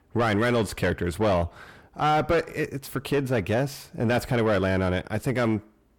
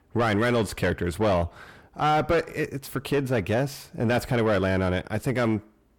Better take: neither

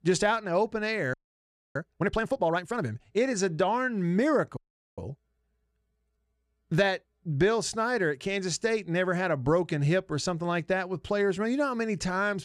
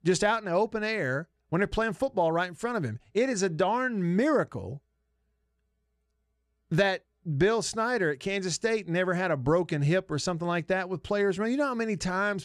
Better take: second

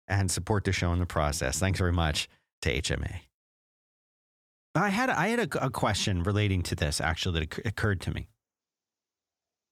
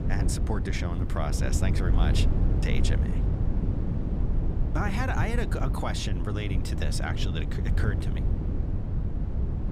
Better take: first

